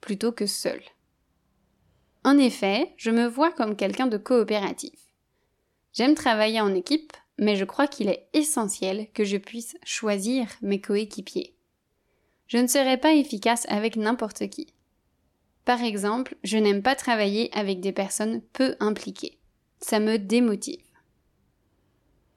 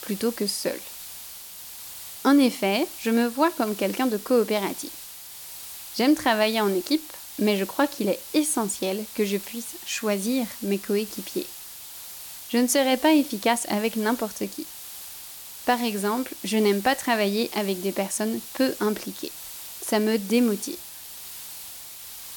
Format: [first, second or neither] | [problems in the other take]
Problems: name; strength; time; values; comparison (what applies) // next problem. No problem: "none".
first | hiss; noticeable; throughout; 10 dB below the speech